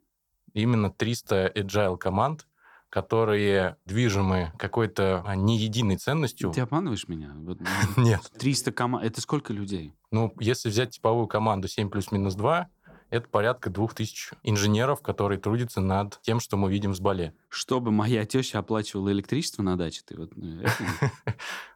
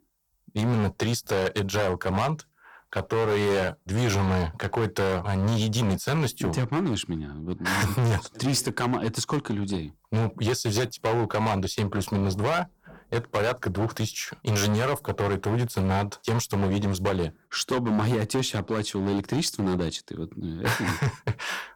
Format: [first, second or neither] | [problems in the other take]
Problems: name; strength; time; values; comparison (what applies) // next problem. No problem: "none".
first | distortion; heavy; 15% of the sound clipped